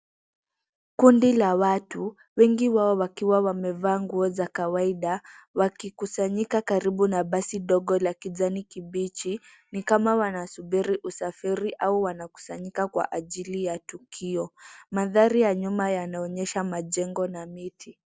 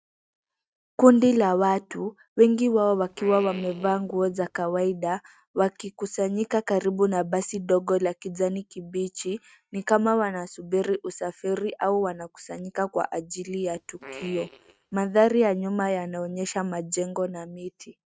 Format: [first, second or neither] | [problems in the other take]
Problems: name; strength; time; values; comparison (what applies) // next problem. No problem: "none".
first | noise reduction (neural mask model RNNoise)